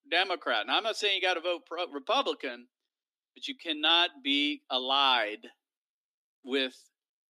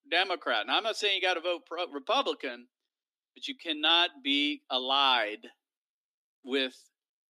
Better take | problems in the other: neither | thin; very slightly; fading below 250 Hz; the same in both

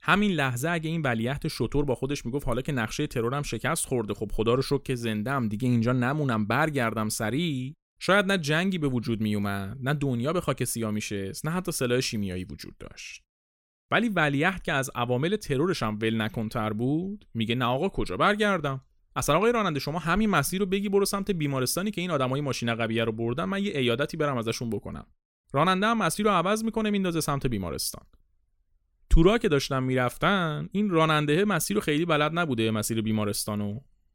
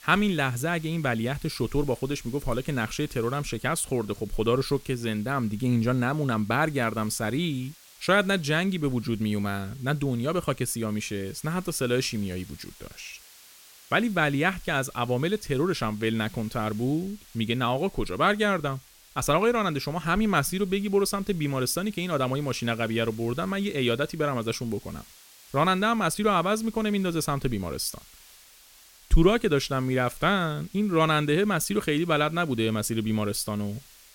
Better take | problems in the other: first | hiss; faint; throughout; 25 dB below the speech

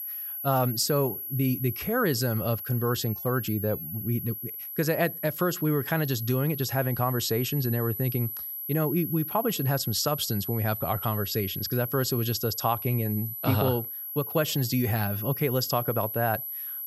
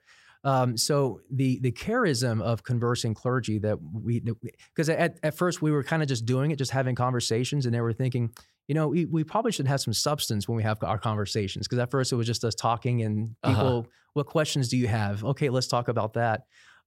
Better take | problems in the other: second | high-pitched whine; loud; throughout; 11.5 kHz, 5 dB below the speech

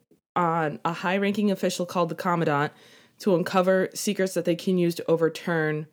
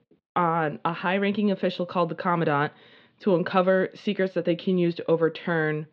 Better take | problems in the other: first | muffled; slightly; fading above 4 kHz

